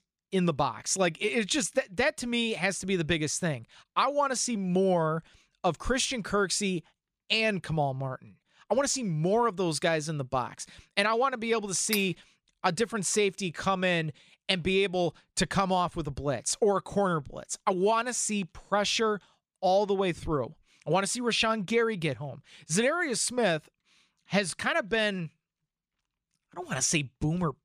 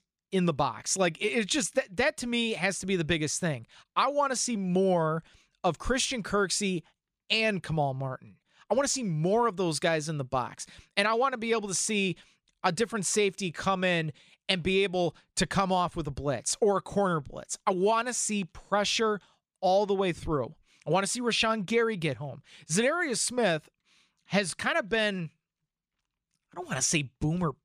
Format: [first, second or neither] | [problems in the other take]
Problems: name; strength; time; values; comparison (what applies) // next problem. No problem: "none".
second | clattering dishes; noticeable; at 12 s; peak 6 dB below the speech